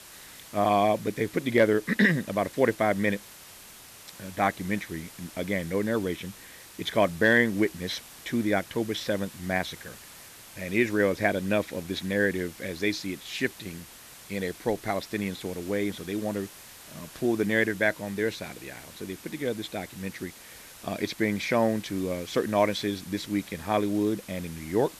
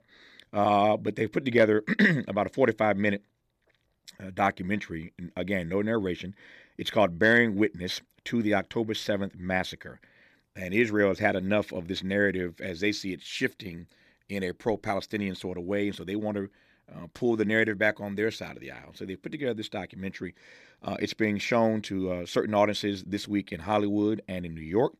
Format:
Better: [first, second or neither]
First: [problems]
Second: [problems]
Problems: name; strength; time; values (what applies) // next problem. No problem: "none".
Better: second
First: hiss; noticeable; throughout; 20 dB below the speech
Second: none